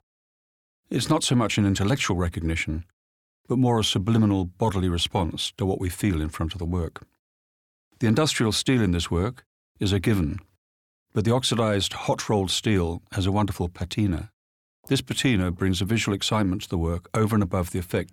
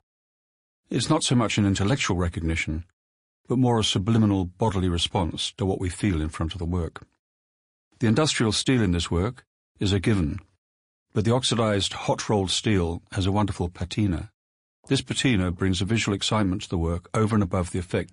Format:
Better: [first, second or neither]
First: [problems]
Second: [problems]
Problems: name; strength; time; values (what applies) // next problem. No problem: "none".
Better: first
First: none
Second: garbled, watery; slightly; nothing above 10.5 kHz